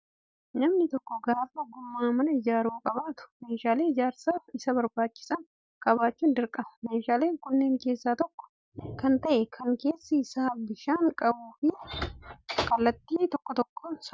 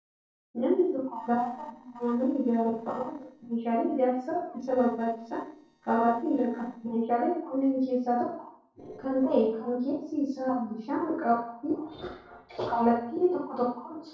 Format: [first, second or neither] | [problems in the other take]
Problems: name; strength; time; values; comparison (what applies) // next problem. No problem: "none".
first | noise reduction (neural separator model SepFormer DNS4)